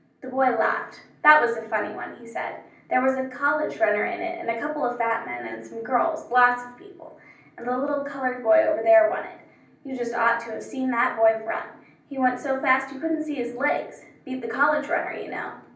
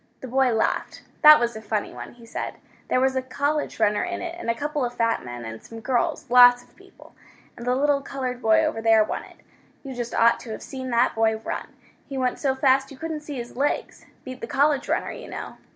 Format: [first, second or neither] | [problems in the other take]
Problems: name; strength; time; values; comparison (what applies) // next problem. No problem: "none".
second | room echo; dies away in 0.6 s